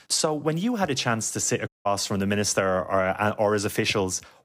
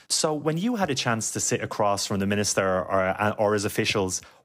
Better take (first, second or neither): second